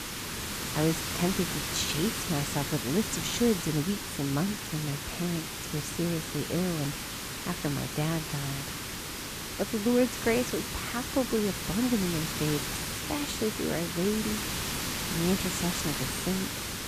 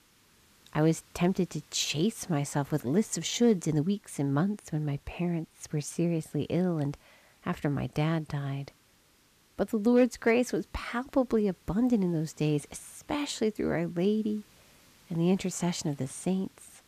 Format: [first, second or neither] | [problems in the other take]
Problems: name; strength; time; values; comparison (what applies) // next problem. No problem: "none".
second | hiss; loud; throughout; 2 dB below the speech; faint in the second